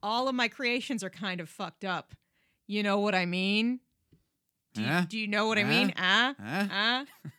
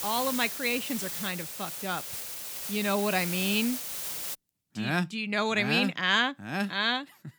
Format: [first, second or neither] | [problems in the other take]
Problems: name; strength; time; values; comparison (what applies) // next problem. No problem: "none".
first | hiss; loud; until 4.5 s; 5 dB below the speech